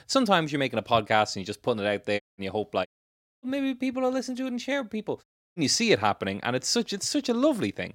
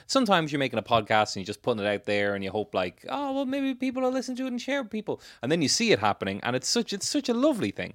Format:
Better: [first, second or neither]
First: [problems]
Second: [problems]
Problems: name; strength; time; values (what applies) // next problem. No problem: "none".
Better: second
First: audio cutting out; at 2 s, at 3 s for 0.5 s and at 5 s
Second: none